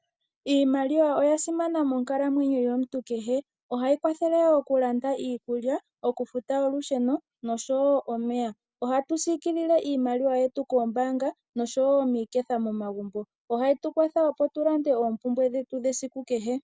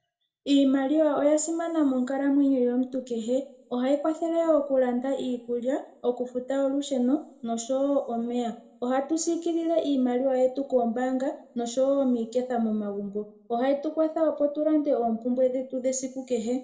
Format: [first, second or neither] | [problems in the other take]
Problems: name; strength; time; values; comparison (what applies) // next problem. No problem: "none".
first | room echo; dies away in 0.6 s